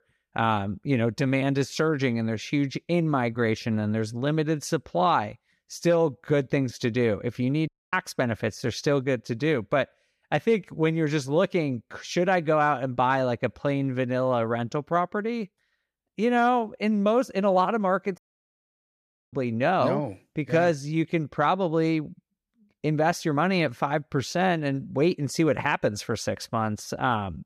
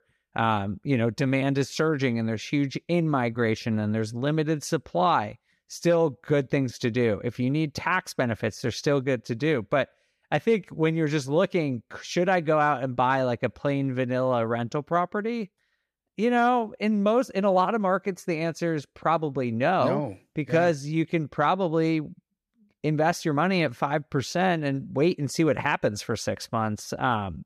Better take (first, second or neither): second